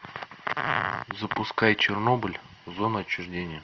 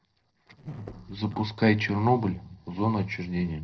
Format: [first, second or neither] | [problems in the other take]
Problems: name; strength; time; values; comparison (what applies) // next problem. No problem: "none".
first | noise reduction (neural separator model SepFormer DNS4)